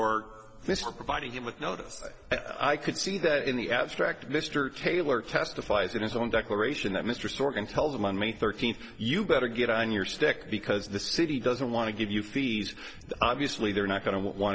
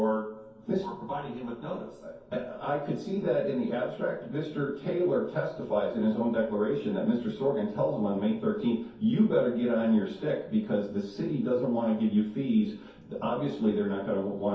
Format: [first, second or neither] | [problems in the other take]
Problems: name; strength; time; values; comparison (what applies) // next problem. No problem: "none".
first | room echo; dies away in 0.6 s